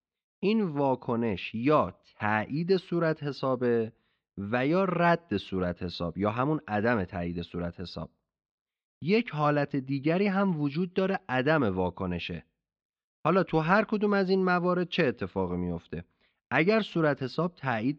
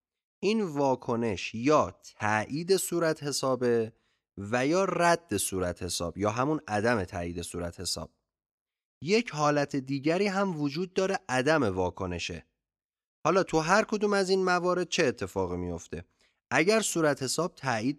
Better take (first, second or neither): second